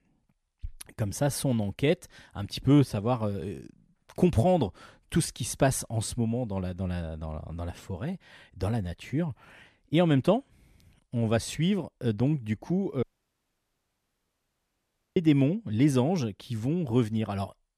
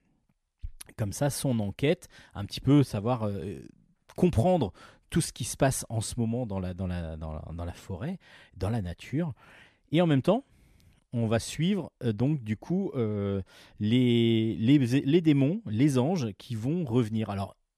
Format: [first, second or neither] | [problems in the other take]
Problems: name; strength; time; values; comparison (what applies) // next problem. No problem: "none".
second | audio cutting out; at 13 s for 2 s